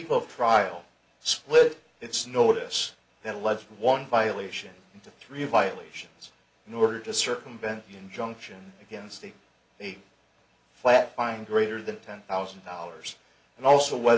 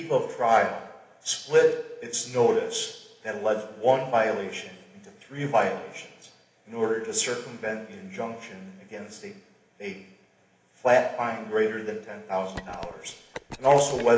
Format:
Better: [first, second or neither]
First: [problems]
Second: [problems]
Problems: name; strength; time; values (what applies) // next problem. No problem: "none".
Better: first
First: none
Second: background sound (Telephone); 14 dB below the speech // room echo; dies away in 1 s